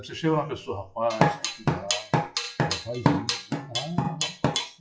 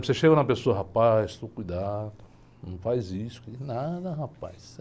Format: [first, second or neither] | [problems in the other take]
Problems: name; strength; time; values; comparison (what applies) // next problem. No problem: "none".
second | noise reduction (classical method WPE with log-MMSE)